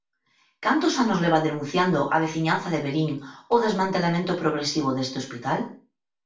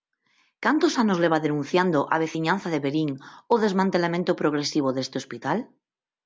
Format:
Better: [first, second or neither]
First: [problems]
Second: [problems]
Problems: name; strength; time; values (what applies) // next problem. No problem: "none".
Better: second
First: room echo; dies away in 0.4 s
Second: none